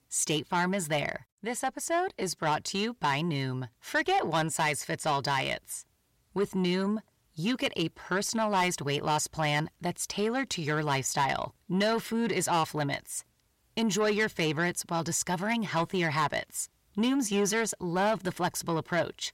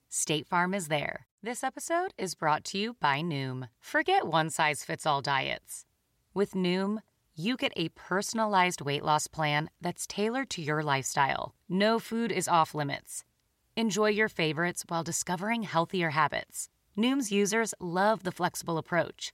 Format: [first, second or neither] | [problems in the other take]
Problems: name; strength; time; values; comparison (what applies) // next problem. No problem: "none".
second | distortion; slight; 10 dB below the speech